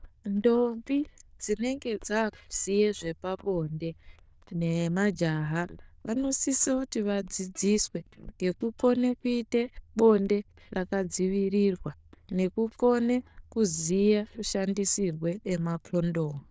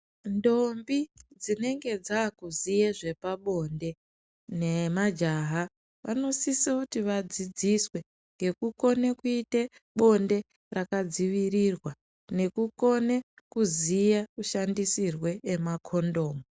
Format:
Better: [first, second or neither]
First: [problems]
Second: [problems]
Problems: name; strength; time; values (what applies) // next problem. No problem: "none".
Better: second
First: noise reduction (neural diffusion model UNIVERSE++)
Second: none